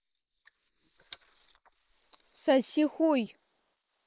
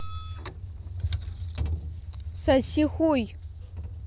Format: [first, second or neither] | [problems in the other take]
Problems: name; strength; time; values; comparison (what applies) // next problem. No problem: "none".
second | noise reduction (neural mask model Resemble Enhance denoiser)